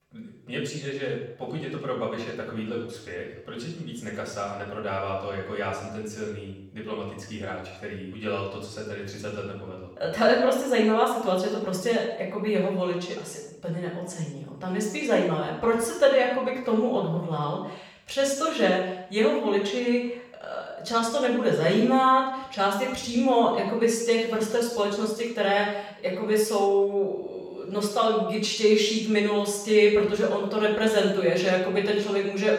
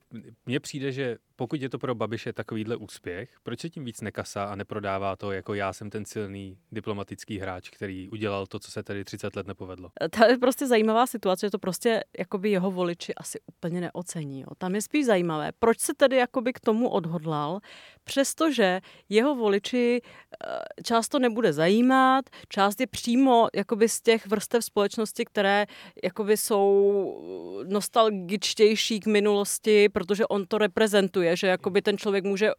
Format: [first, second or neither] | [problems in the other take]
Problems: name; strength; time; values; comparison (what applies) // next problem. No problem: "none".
second | room echo; noticeable; dies away in 0.7 s // off-mic speech; far